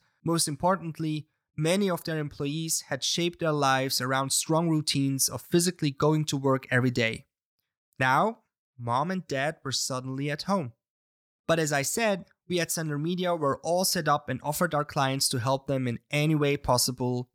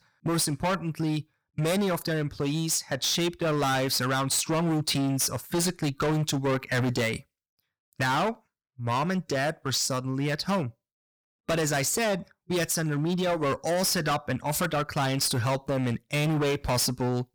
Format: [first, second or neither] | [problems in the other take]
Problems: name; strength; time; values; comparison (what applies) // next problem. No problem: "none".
first | distortion; heavy; 20% of the sound clipped